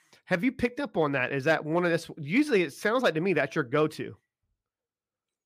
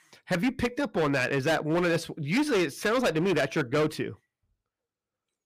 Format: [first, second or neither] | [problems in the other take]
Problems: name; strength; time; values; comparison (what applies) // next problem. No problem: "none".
first | distortion; heavy; 13% of the sound clipped